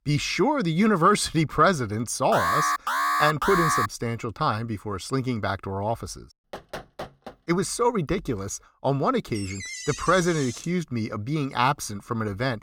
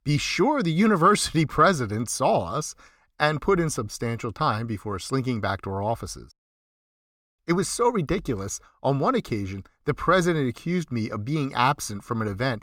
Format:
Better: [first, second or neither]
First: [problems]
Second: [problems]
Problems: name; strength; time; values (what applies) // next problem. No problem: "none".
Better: second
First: alarm; loud; from 2.5 to 4 s; peak 2 dB above the speech // door banging; faint; at 6.5 s; peak 10 dB below the speech // door banging; noticeable; from 9.5 to 11 s; peak 8 dB below the speech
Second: none